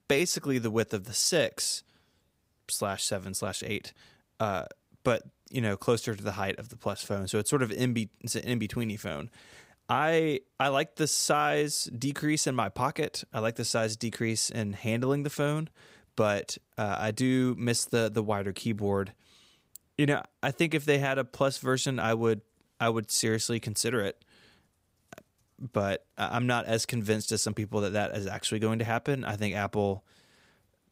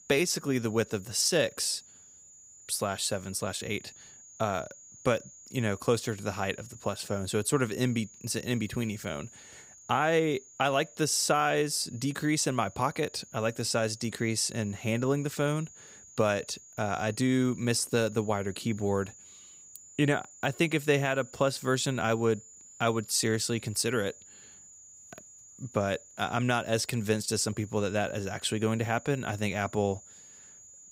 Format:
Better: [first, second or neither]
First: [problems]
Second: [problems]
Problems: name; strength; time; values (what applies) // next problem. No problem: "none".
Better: first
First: none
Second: high-pitched whine; faint; throughout; 6.5 kHz, 20 dB below the speech